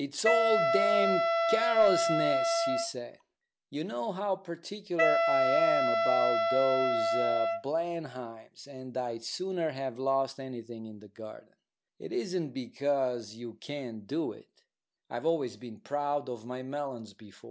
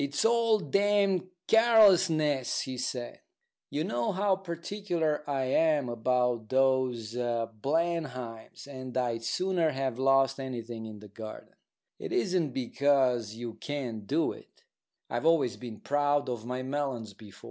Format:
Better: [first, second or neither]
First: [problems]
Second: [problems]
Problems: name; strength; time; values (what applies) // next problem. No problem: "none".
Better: second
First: background sound (Wind instrument, woodwind instrument); 5 dB above the speech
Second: none